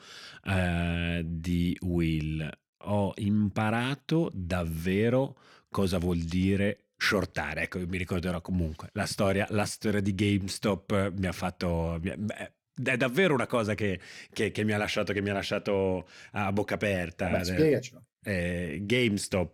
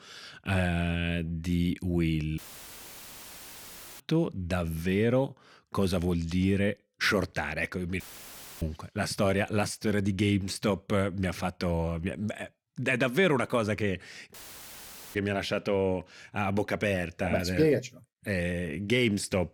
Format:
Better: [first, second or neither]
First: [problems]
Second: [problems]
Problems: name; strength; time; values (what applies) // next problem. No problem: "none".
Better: first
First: none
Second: audio cutting out; filled with static; at 2.5 s for 1.5 s, at 8 s for 0.5 s and at 14 s for 1 s